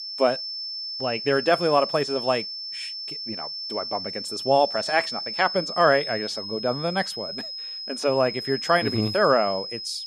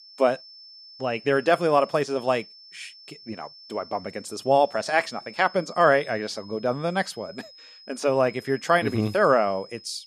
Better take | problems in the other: second | high-pitched whine; loud; throughout; 5.5 kHz, 6 dB below the speech; faint in the second

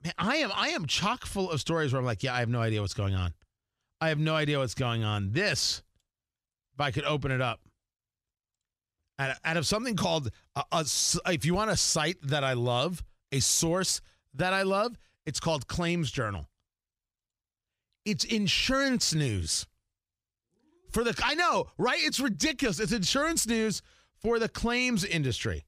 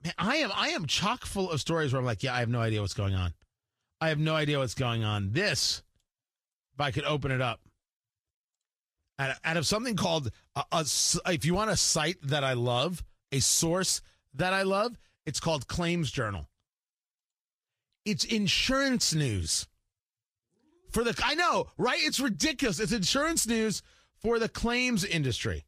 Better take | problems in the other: first | garbled, watery; slightly; nothing above 15 kHz

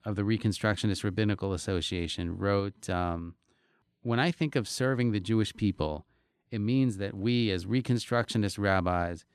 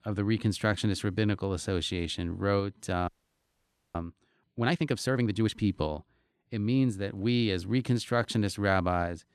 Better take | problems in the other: first | audio freezing; at 3 s for 1 s

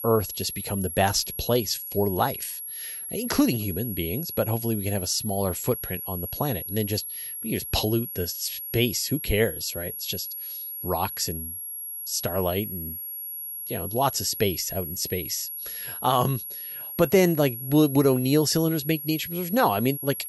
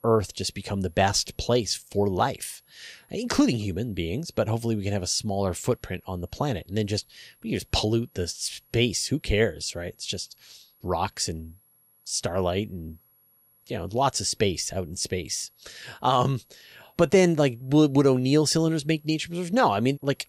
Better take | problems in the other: second | high-pitched whine; loud; throughout; 11.5 kHz, 7 dB below the speech; faint in the second

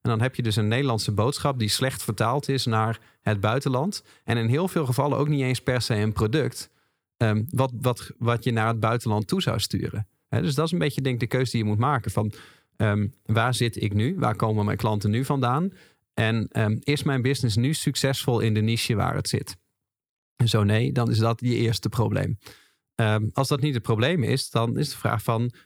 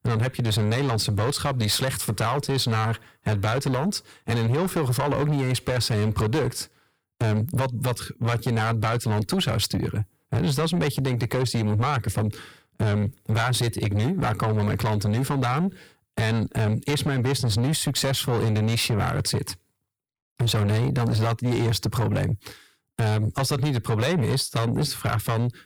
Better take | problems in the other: first | distortion; heavy; 7 dB below the speech

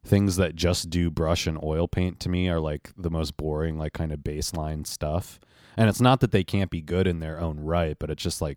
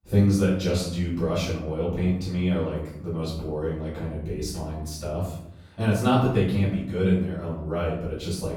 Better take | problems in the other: first | off-mic speech; far // room echo; noticeable; dies away in 0.7 s

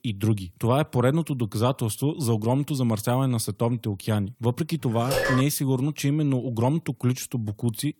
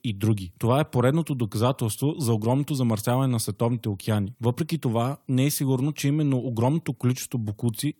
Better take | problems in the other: second | phone ringing; loud; at 5 s; peak level with the speech

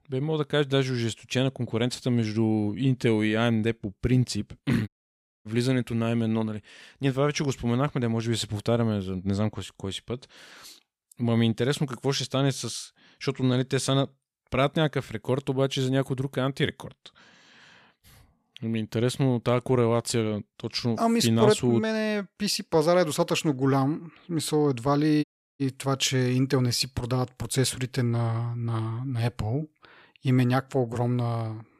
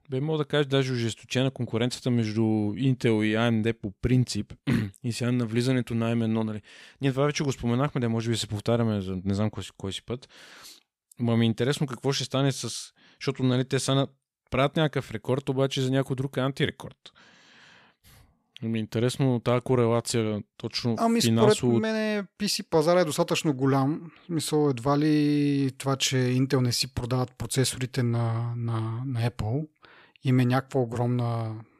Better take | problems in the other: second | audio cutting out; at 5 s for 0.5 s and at 25 s

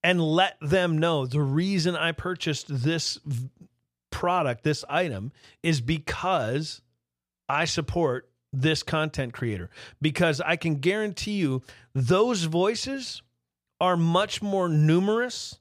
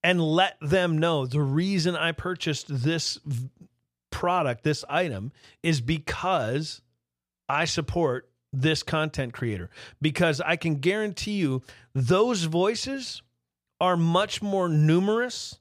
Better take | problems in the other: neither | none

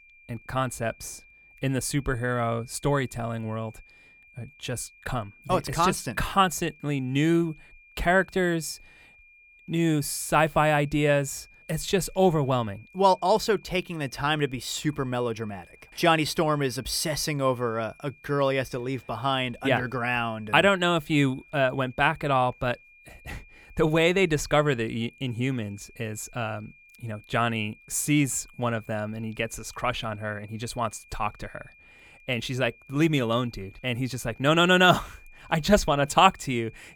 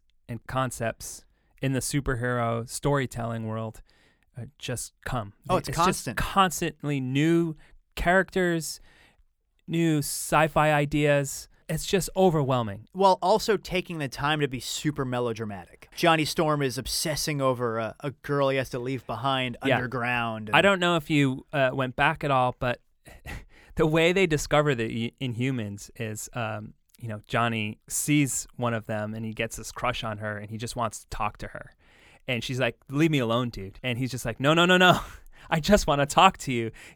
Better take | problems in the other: second | high-pitched whine; faint; throughout; 2.5 kHz, 25 dB below the speech

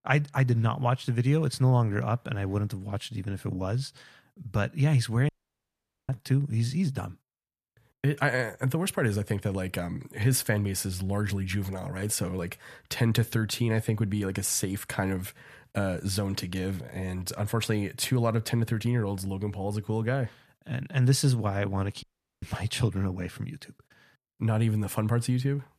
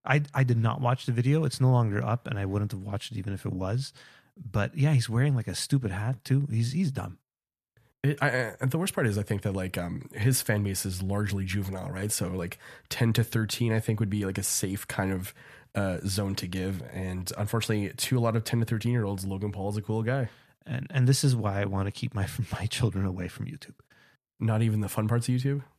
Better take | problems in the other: second | audio cutting out; at 5.5 s for 1 s and at 22 s

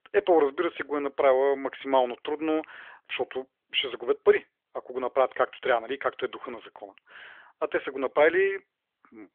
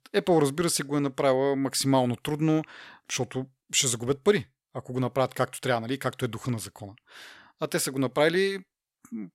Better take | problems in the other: second | phone-call audio; nothing above 3.5 kHz

